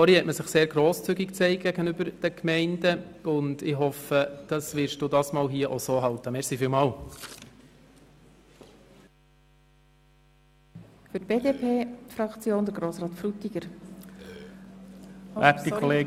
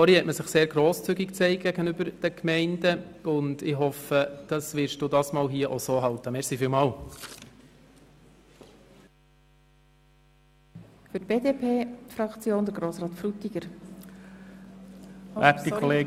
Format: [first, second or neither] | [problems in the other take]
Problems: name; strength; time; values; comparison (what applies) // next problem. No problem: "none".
second | background sound (Burping, eructation); 18 dB below the speech